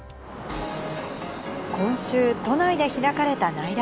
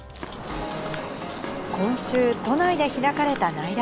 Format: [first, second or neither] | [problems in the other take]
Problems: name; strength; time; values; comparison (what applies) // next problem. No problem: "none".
first | background sound (Rattle (instrument) + Walk, footsteps); 17 dB below the speech